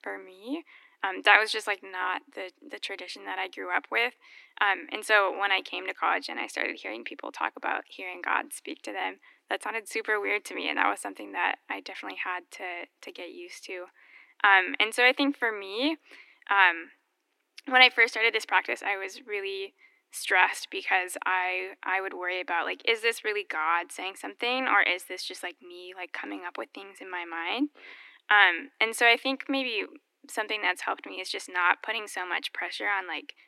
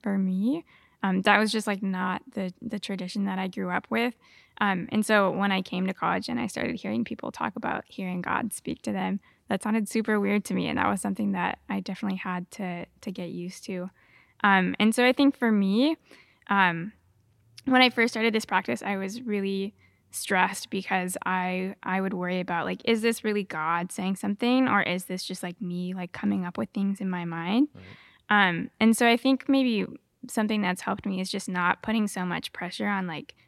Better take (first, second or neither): second